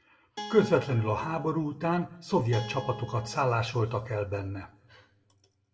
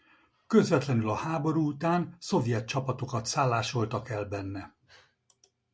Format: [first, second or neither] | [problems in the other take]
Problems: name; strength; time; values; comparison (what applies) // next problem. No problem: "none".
second | background sound (Guitar); 12 dB below the speech // room echo; dies away in 0.9 s